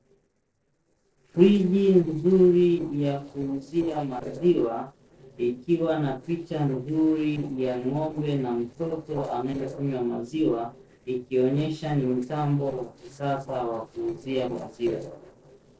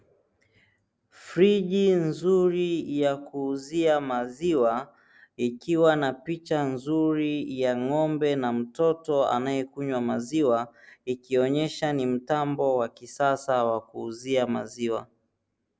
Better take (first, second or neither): second